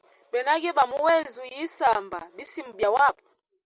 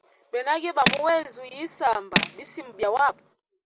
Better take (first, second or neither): first